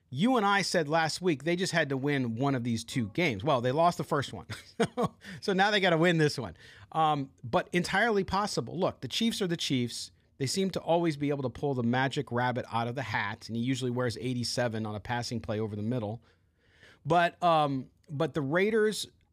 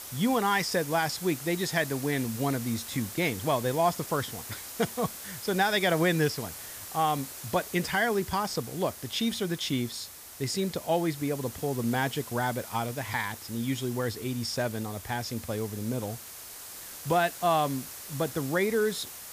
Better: first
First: none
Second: hiss; noticeable; throughout; 10 dB below the speech

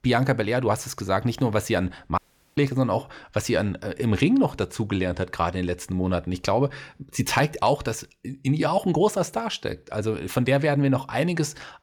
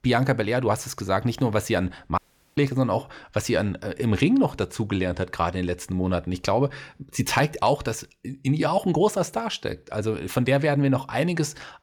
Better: neither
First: audio cutting out; at 2 s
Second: audio cutting out; at 2 s

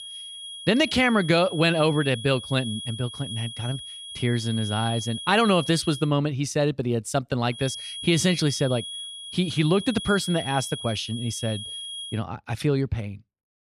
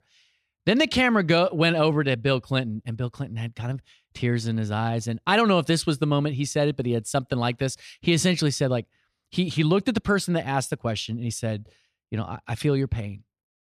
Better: second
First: high-pitched whine; loud; until 6 s and from 7.5 to 12 s; 3.5 kHz, 9 dB below the speech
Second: none

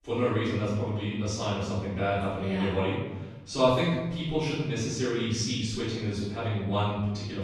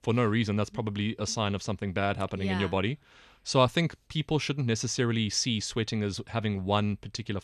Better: second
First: off-mic speech; far // room echo; strong; dies away in 1 s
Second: none

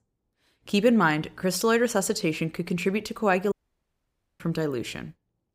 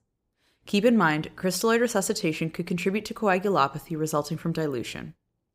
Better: second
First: audio cutting out; at 3.5 s for 1 s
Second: none

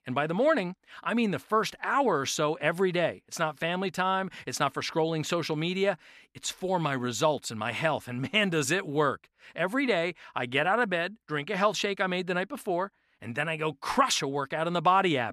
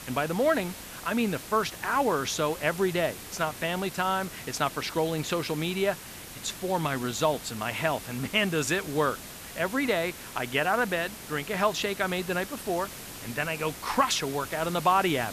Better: first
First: none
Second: hiss; noticeable; throughout; 10 dB below the speech

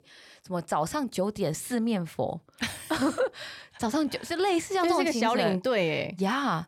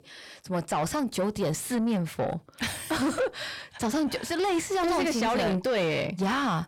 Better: first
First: none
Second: distortion; slight; 10 dB below the speech

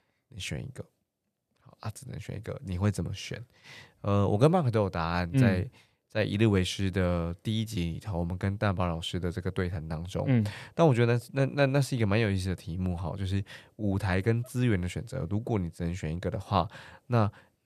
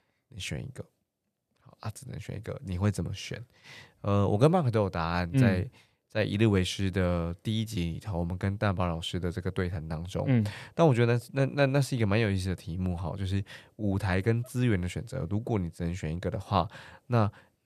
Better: neither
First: none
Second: none

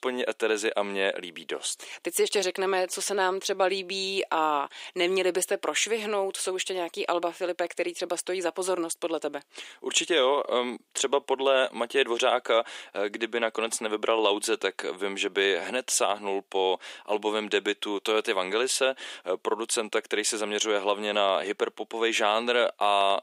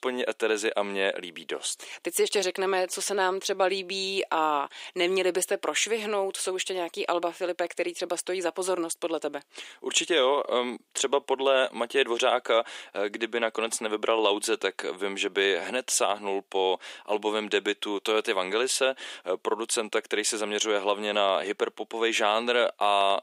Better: neither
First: thin; very; fading below 350 Hz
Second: thin; very; fading below 350 Hz

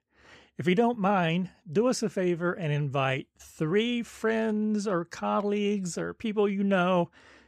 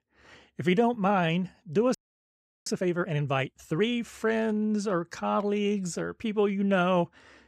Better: first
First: none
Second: audio freezing; at 2 s for 0.5 s

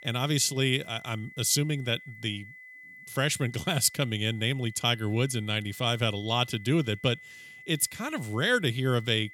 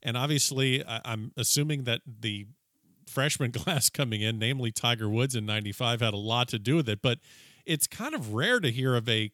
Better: second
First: high-pitched whine; noticeable; throughout; 2 kHz, 20 dB below the speech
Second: none

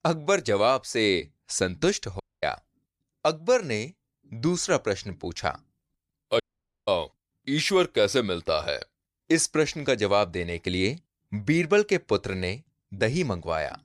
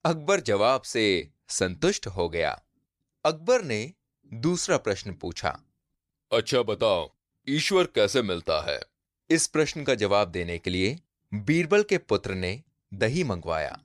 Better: second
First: audio cutting out; at 2 s and at 6.5 s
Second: none

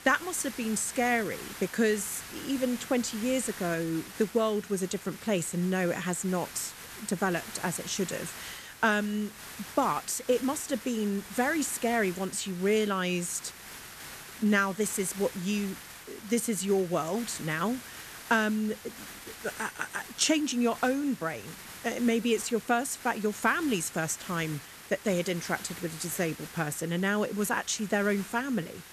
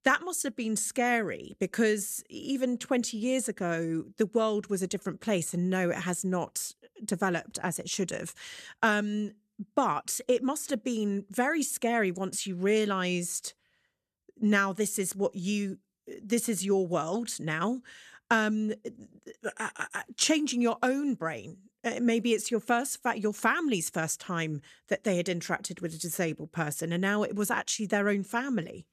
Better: second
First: hiss; noticeable; throughout; 15 dB below the speech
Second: none

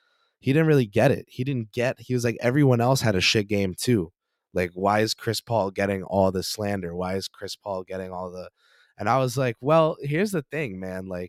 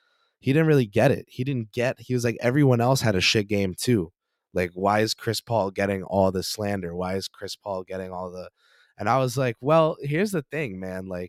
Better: neither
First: none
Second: none

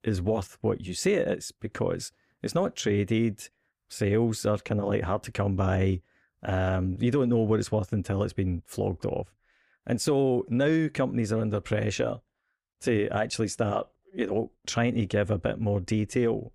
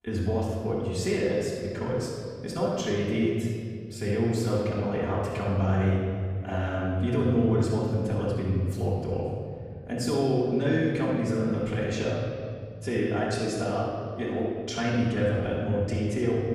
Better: first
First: none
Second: off-mic speech; far // room echo; strong; dies away in 2.2 s

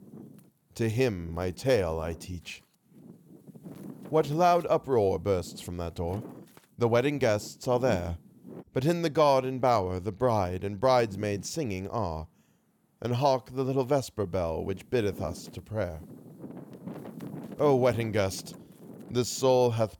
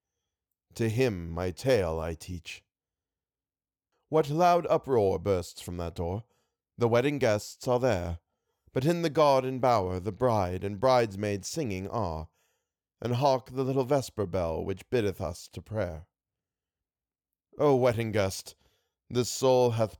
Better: second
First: wind noise on the microphone; occasional gusts; 25 dB below the speech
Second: none

